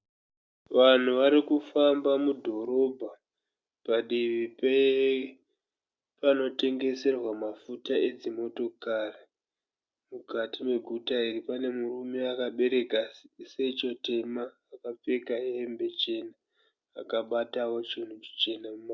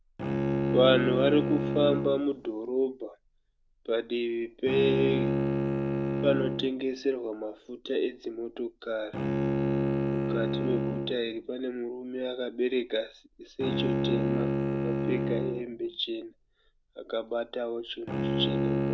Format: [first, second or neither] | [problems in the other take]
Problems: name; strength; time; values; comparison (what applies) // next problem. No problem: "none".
first | background sound (Bowed string instrument); 1 dB below the speech